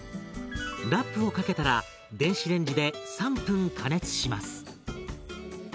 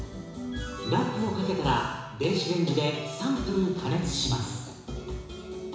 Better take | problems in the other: first | room echo; dies away in 1 s

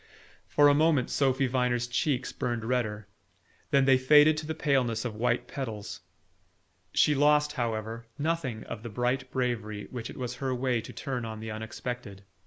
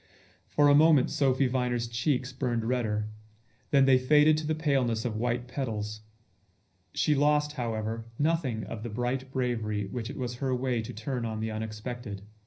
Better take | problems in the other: first | room echo; dies away in 0.5 s

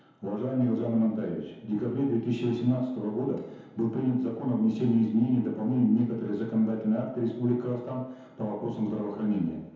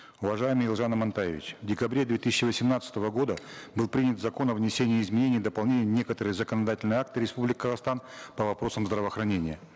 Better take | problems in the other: second | room echo; dies away in 1 s

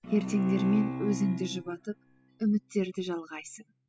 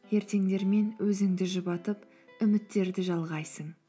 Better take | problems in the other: second | noise reduction (classical method spectral subtraction)

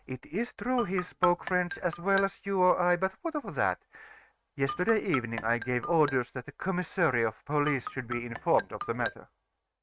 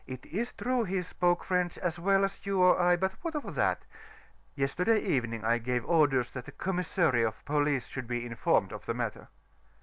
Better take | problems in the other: second | noise reduction (neural mask model RNNoise)

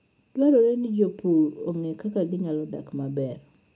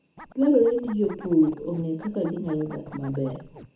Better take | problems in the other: first | background sound (Scratching (performance technique)); 20 dB below the speech // room echo; dies away in 0.4 s

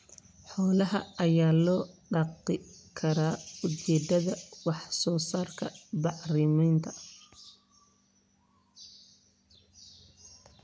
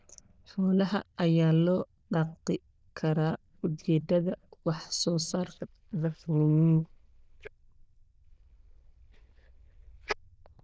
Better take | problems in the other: first | noise reduction (neural diffusion model UNIVERSE++)

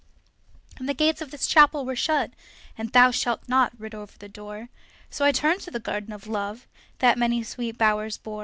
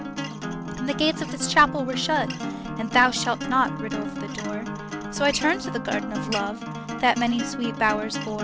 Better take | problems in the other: first | background sound (Acoustic guitar); 6 dB below the speech

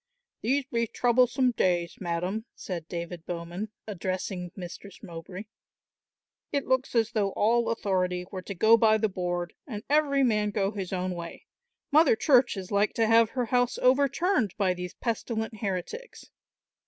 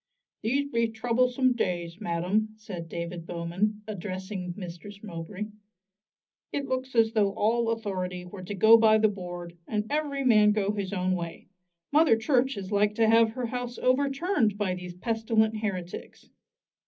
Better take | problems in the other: first | room echo; dies away in 0.4 s

